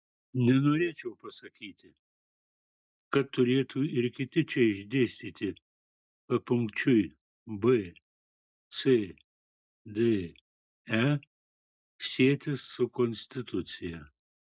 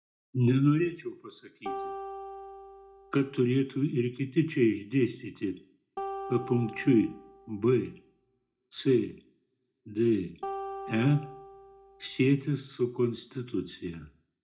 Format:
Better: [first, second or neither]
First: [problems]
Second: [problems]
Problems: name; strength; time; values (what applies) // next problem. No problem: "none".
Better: first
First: none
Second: background sound (Acoustic guitar); 12 dB below the speech // room echo; dies away in 0.3 s